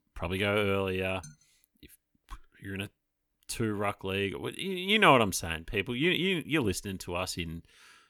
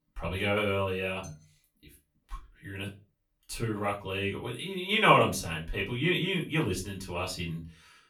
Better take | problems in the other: first | off-mic speech; far // room echo; very slight; dies away in 0.3 s

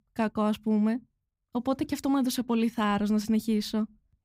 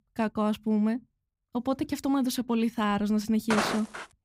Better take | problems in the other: first | footsteps; noticeable; at 3.5 s; peak level with the speech

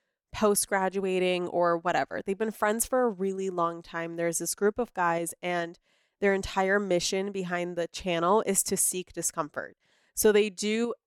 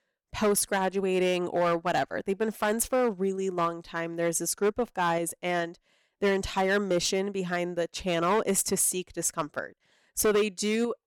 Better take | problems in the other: first | distortion; slight; 6% of the sound clipped

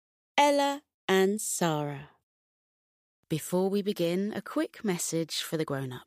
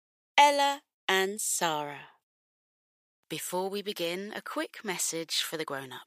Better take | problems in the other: first | thin; somewhat; fading below 850 Hz

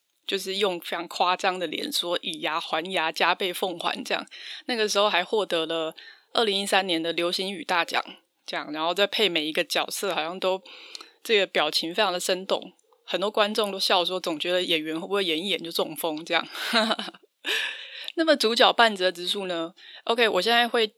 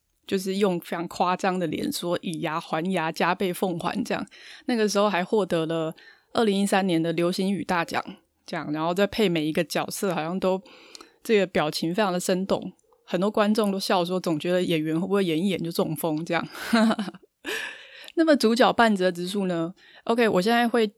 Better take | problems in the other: second | thin; somewhat; fading below 400 Hz

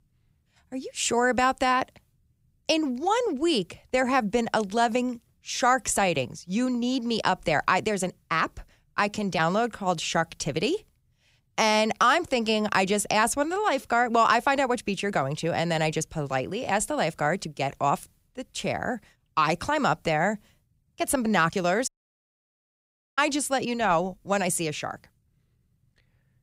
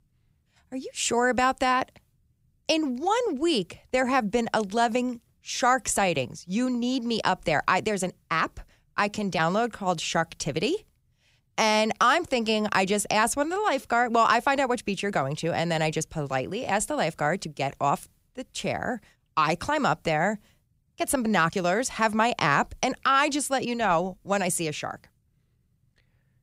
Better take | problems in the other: second | audio cutting out; at 22 s for 1.5 s

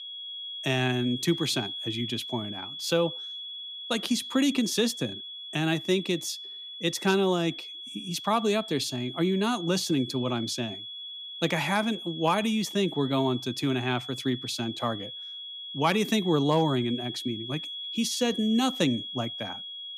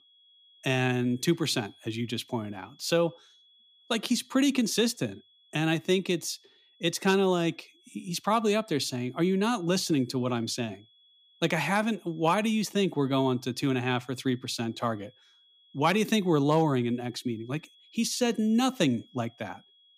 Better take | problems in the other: second | high-pitched whine; loud; throughout; 3.5 kHz, 8 dB below the speech; faint in the second

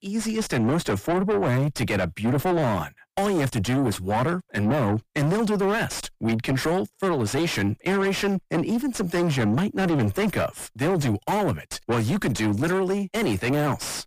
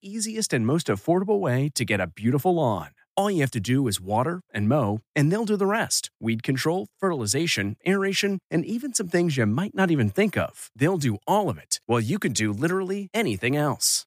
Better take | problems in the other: second | distortion; heavy; 5 dB below the speech

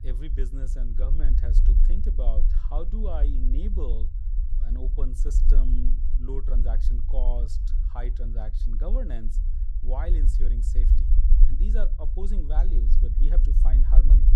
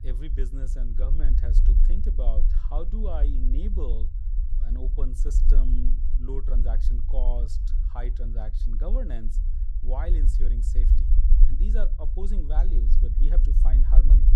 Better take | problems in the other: neither | low rumble; loud; throughout; 7 dB below the speech; the same in both

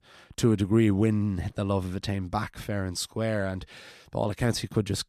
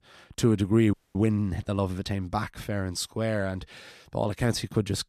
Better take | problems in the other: first | audio freezing; at 1 s

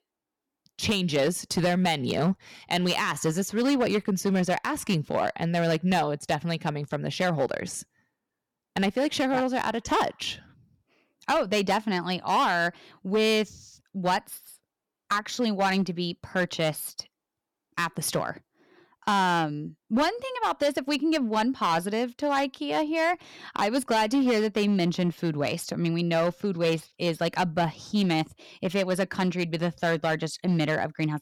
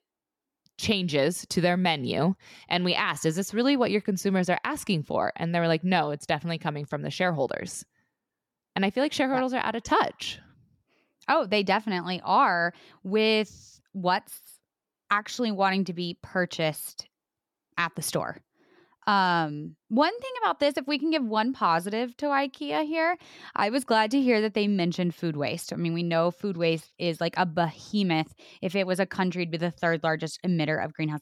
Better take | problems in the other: second | distortion; slight; 6% of the sound clipped

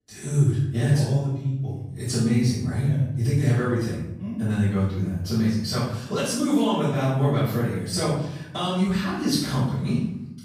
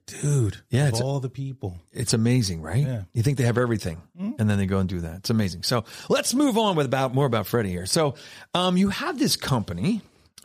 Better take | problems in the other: second | room echo; strong; dies away in 0.8 s // off-mic speech; far

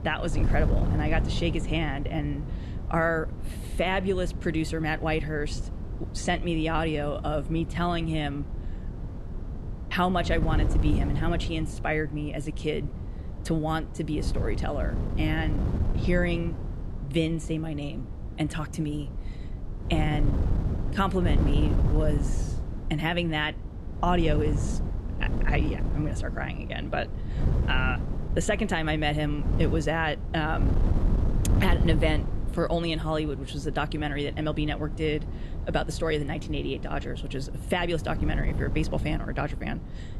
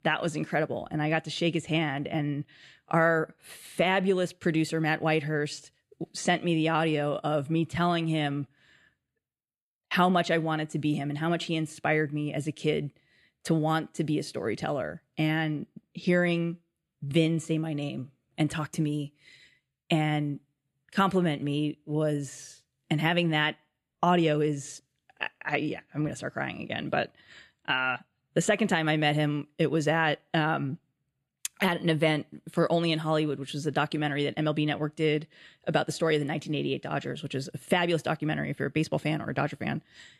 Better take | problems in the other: second | wind noise on the microphone; occasional gusts; 10 dB below the speech

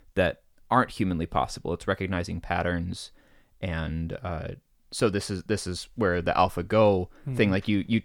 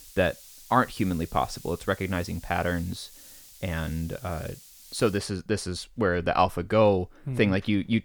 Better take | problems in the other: first | hiss; noticeable; until 5 s; 20 dB below the speech

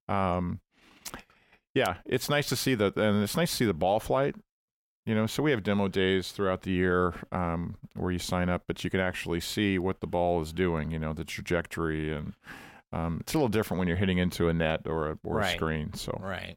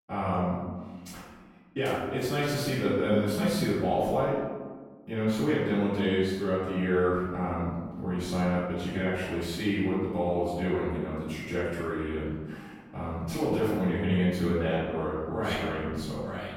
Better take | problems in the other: first | off-mic speech; far // room echo; strong; dies away in 1.3 s

